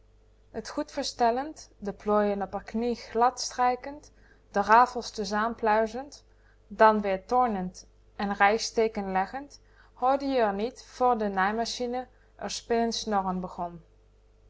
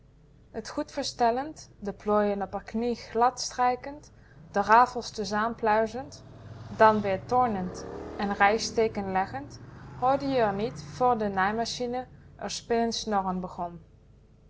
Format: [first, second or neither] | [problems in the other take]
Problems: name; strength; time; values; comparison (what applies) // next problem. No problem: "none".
first | background sound (Motorcycle); 18 dB below the speech